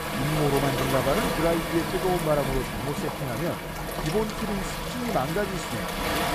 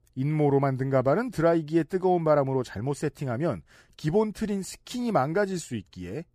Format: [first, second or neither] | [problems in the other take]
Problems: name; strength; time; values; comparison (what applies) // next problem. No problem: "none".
second | rain or running water; loud; throughout; 1 dB below the speech